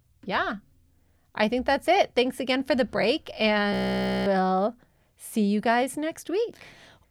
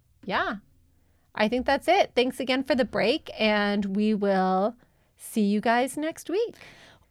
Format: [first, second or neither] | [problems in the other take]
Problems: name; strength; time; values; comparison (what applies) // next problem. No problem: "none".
second | audio freezing; at 3.5 s for 0.5 s